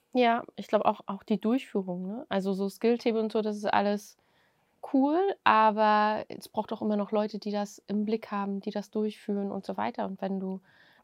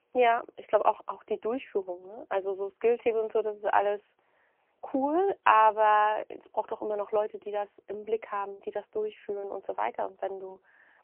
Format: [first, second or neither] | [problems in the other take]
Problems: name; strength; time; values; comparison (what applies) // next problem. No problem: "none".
first | phone-call audio; poor line; nothing above 3 kHz